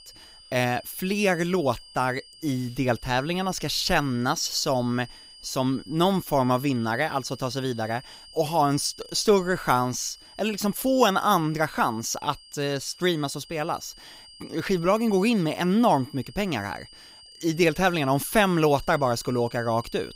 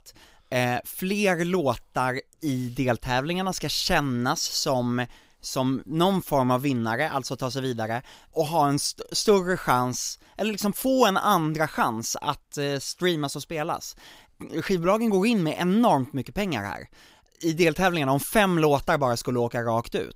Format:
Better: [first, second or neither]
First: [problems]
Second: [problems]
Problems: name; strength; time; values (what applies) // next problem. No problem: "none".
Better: second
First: high-pitched whine; faint; throughout; 5 kHz, 20 dB below the speech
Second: none